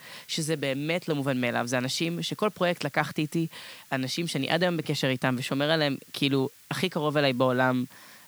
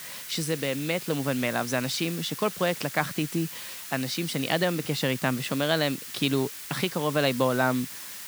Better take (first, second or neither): first